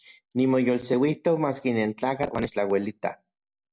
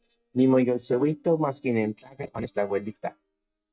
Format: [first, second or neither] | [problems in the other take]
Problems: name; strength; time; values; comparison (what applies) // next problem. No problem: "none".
first | noise reduction (neural mask model DeepFilterNet 3)